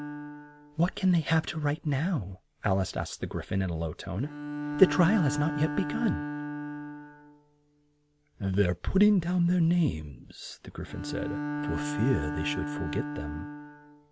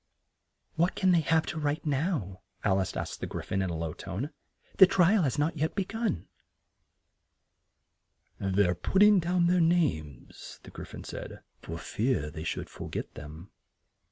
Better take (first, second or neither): second